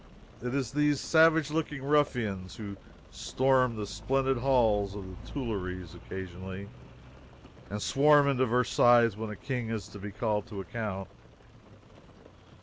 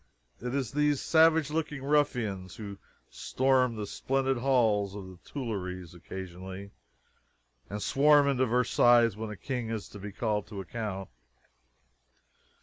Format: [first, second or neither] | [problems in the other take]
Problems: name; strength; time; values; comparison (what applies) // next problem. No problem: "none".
second | background sound (Rain); 17 dB below the speech